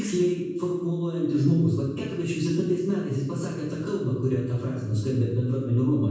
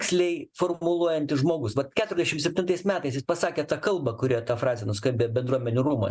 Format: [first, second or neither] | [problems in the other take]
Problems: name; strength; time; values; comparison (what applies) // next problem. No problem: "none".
second | room echo; dies away in 1.1 s